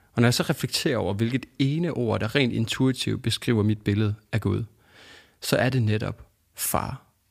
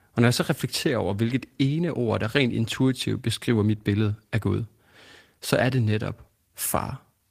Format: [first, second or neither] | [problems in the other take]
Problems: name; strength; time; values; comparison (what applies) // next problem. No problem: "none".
first | garbled, watery; slightly; nothing above 15 kHz